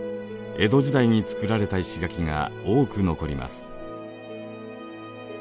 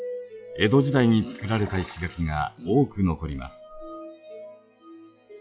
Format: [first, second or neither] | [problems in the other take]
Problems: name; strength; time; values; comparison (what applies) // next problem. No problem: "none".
first | noise reduction (classical method log-MMSE)